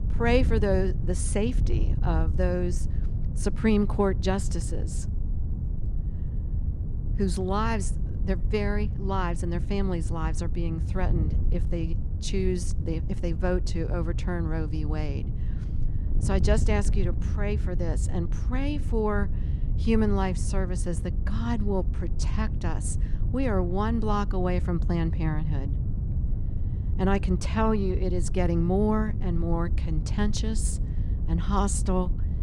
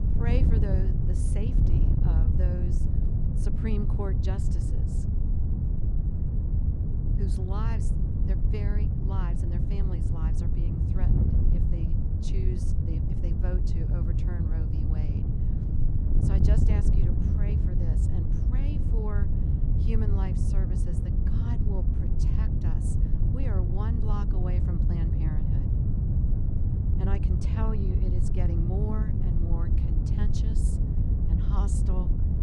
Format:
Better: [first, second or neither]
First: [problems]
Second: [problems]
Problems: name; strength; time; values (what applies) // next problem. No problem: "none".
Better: first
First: wind noise on the microphone; occasional gusts; 15 dB below the speech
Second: wind noise on the microphone; heavy; 2 dB above the speech